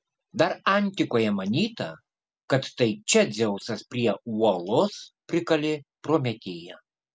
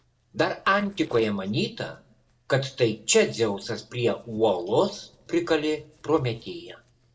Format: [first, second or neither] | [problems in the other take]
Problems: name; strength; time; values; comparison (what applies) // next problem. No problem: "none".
first | noise reduction (neural separator model SepFormer DNS4)